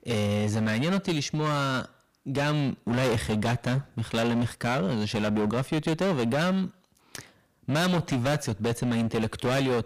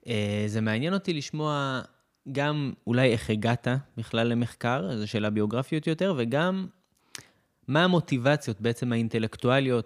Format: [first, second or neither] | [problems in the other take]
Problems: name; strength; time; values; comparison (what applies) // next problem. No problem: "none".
second | distortion; heavy; 23% of the sound clipped